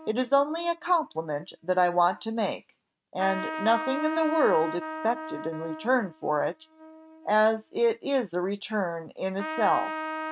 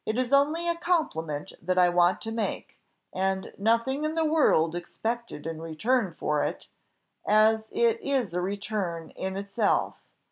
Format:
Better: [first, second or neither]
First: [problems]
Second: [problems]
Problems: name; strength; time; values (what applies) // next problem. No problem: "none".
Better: second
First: noise reduction (neural mask model RNNoise)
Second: none